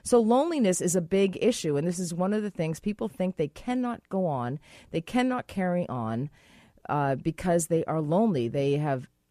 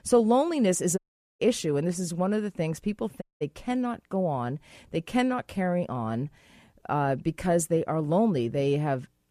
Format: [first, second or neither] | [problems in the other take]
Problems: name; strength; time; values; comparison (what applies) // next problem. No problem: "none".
first | audio cutting out; at 1 s and at 3 s